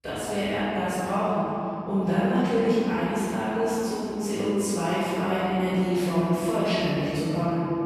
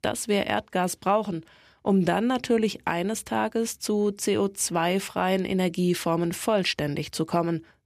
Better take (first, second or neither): second